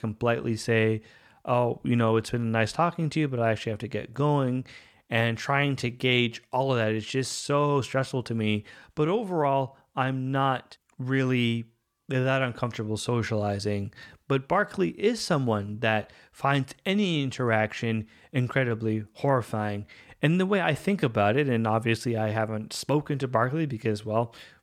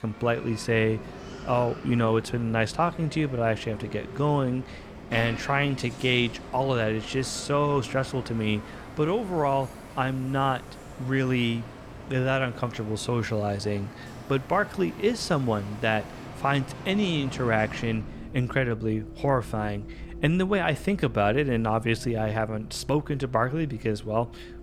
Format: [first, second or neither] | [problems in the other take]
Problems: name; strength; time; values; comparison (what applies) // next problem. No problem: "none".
first | traffic noise; noticeable; throughout; 15 dB below the speech